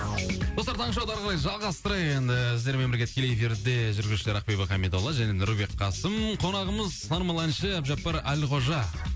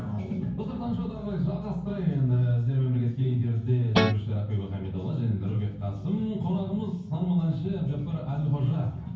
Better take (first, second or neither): first